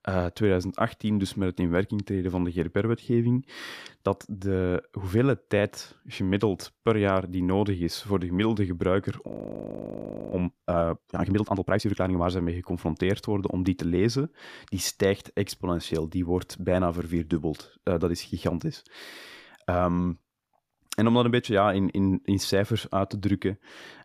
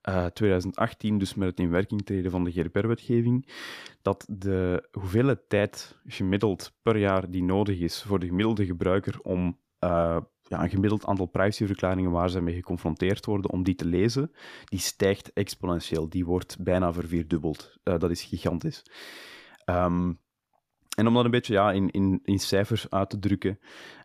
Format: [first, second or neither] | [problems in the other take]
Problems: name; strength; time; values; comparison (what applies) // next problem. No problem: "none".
second | audio freezing; at 9.5 s for 1 s